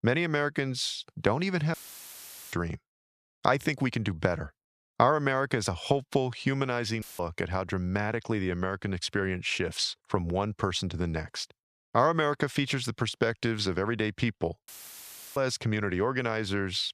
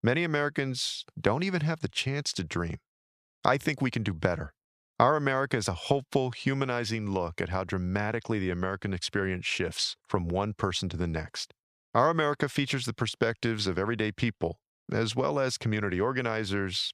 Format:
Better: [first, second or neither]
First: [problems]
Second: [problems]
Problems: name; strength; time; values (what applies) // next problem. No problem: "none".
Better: second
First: audio cutting out; filled with static; at 1.5 s for 1 s, at 7 s and at 15 s for 0.5 s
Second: none